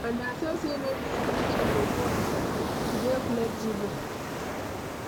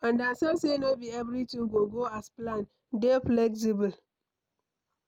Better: second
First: background sound (Ocean); 3 dB above the speech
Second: none

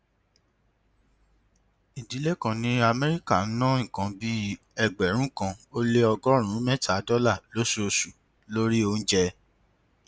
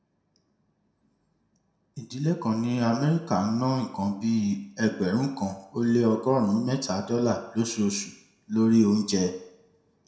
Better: first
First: none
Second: room echo; dies away in 0.6 s

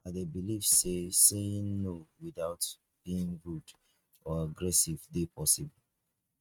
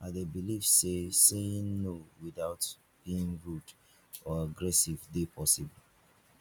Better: second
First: noise reduction (neural mask model RNNoise)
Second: none

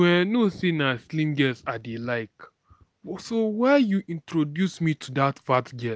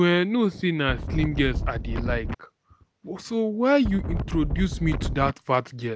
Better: first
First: none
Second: background sound (Wind); 3 dB below the speech

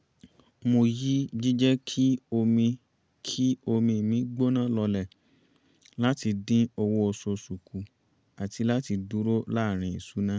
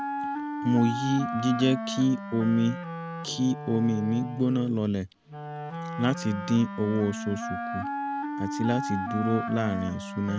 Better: first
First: none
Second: background sound (Wind instrument, woodwind instrument); 6 dB below the speech

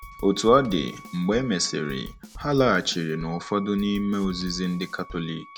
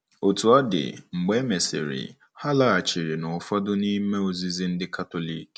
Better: second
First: background sound (Wind instrument, woodwind instrument + Drum / Drum kit); 17 dB below the speech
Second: none

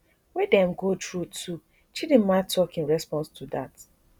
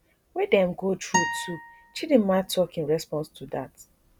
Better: first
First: none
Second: background sound (Acoustic guitar); 5 dB below the speech

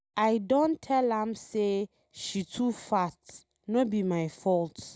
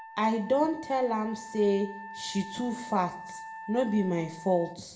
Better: first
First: none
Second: background sound (Wind instrument, woodwind instrument); 14 dB below the speech // room echo; dies away in 0.5 s

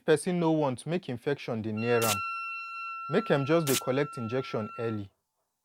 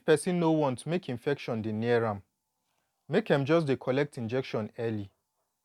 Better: second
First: background sound (Wind instrument, woodwind instrument + Domestic sounds, home sounds); 8 dB below the speech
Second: none

